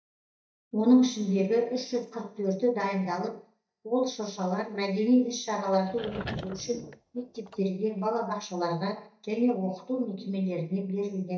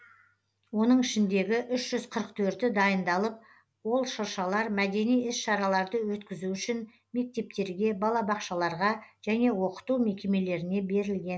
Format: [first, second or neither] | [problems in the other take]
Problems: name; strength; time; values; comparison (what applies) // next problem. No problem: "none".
second | noise reduction (neural mask model DeepFilterNet 3)